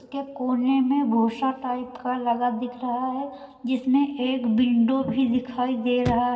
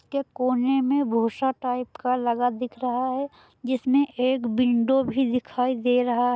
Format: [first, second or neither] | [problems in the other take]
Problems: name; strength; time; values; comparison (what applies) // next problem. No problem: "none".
second | background sound (Chirp, tweet / Slam / Car); 19 dB below the speech // room echo; dies away in 1.8 s